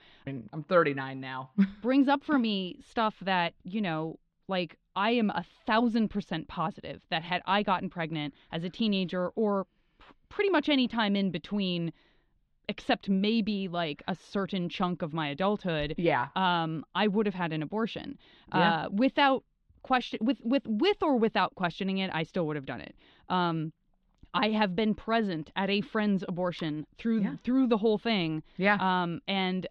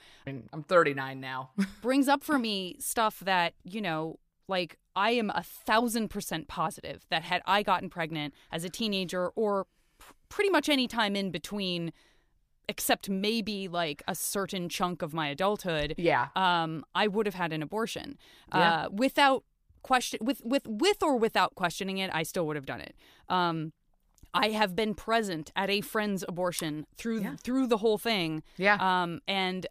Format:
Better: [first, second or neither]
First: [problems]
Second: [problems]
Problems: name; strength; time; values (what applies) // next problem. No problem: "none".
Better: second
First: muffled; very slightly; fading above 3.5 kHz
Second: none